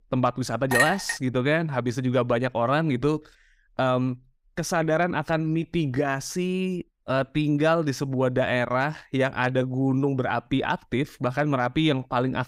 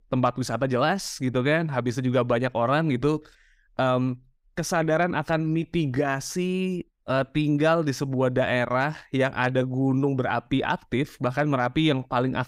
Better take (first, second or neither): second